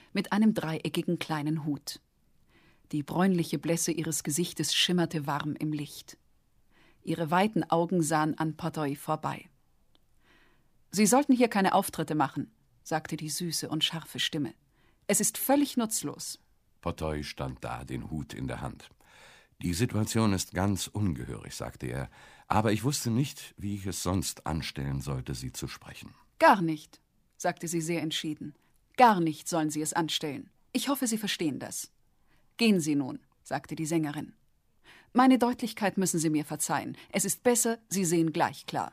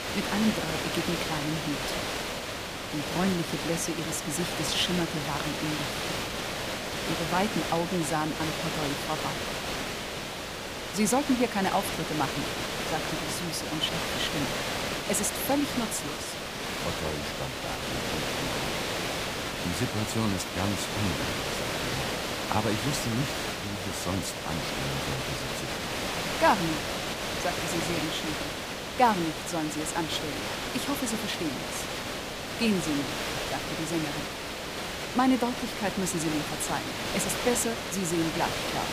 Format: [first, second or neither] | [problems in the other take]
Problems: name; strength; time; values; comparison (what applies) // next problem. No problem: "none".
first | hiss; loud; throughout; as loud as the speech